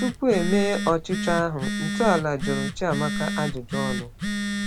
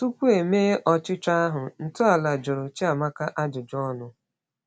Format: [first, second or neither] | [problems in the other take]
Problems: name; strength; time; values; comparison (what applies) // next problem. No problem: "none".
second | background sound (Telephone); 3 dB below the speech